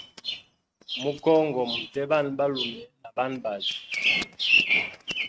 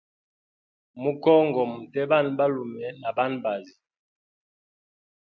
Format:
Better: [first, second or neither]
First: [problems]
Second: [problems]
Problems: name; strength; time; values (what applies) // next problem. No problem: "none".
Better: second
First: noise reduction (neural mask model RNNoise)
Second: none